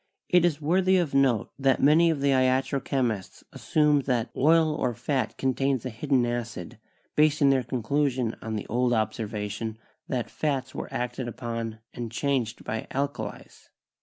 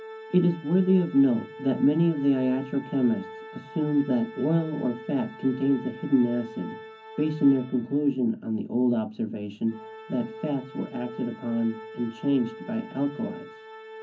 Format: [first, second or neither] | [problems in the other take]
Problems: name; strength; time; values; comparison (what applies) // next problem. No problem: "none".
first | background sound (Organ); 16 dB below the speech // room echo; dies away in 0.4 s